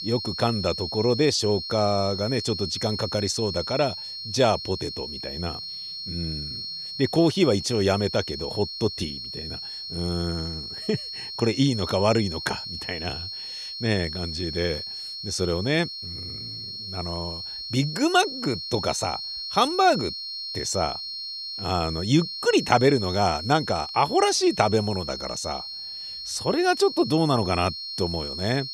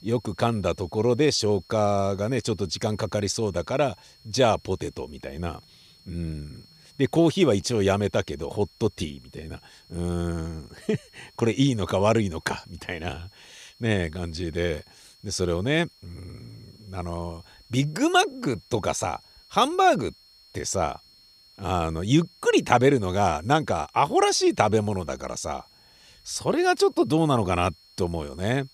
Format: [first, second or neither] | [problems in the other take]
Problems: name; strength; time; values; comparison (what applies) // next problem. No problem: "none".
second | high-pitched whine; loud; throughout; 4.5 kHz, 7 dB below the speech; faint in the second